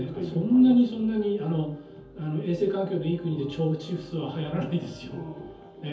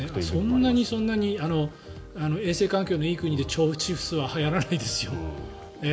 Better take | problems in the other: second | room echo; dies away in 0.5 s

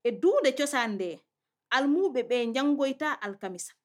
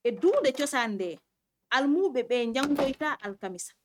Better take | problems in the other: first | noise reduction (neural mask model RNNoise)

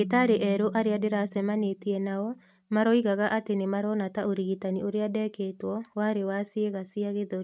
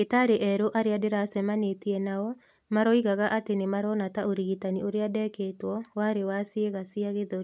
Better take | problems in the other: second | noise reduction (neural mask model RNNoise)

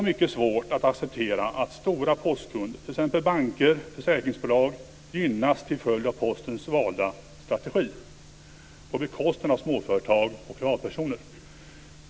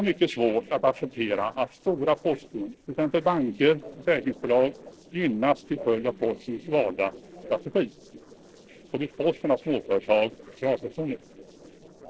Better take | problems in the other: first | noise reduction (neural separator model SepFormer DNS4)

